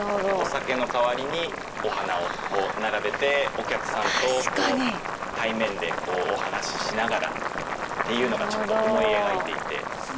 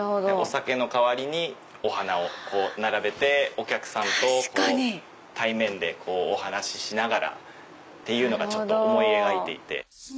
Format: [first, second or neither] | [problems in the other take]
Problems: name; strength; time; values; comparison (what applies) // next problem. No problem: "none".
second | background sound (Boiling); 4 dB below the speech